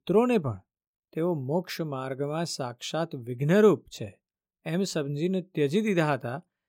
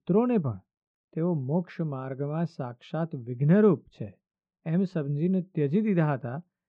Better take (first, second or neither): first